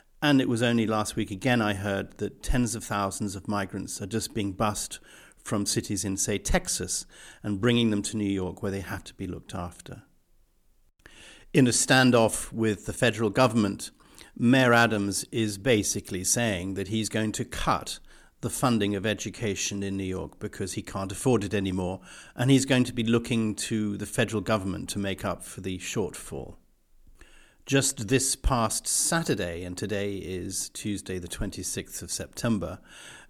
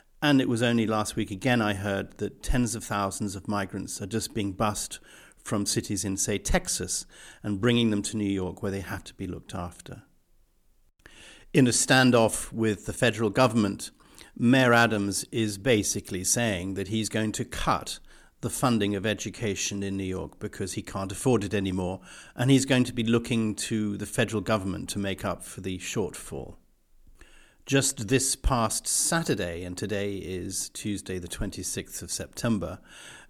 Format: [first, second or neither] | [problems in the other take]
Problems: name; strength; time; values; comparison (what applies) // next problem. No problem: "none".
neither | none